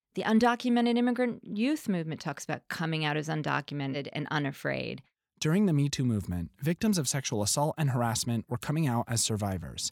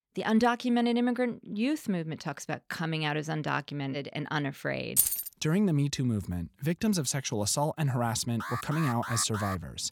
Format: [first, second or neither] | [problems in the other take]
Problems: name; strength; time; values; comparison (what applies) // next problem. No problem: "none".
first | jangling keys; loud; at 5 s; peak 5 dB above the speech // alarm; noticeable; from 8.5 s on; peak 6 dB below the speech